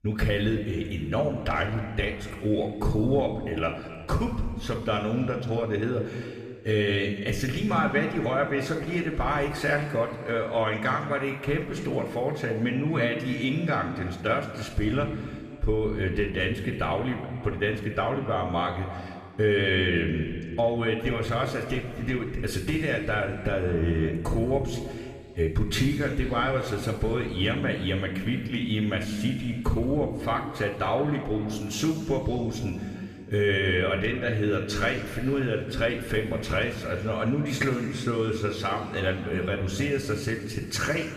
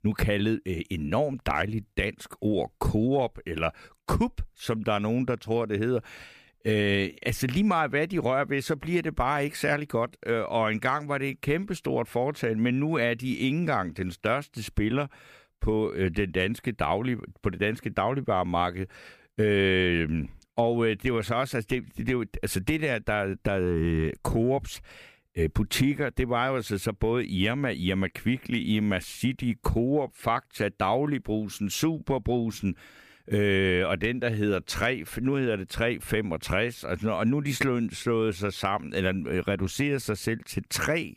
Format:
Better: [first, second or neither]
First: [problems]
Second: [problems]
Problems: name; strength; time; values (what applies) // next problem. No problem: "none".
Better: second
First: room echo; noticeable; dies away in 2.2 s // off-mic speech; somewhat distant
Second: none